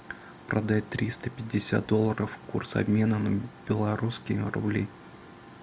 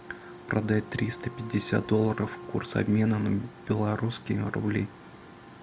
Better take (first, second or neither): first